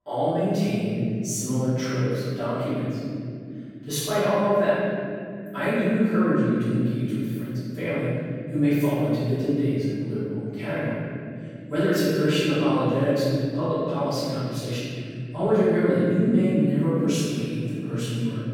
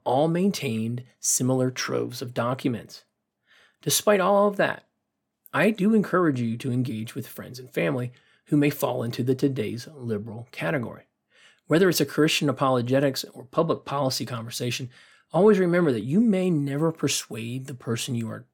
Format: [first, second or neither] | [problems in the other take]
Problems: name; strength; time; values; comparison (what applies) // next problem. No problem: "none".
second | room echo; strong; dies away in 3 s // off-mic speech; far